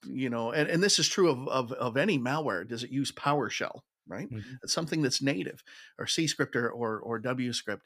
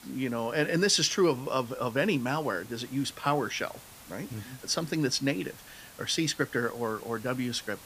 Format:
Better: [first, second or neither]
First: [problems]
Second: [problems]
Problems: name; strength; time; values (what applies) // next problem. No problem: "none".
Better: first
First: none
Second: hiss; noticeable; throughout; 20 dB below the speech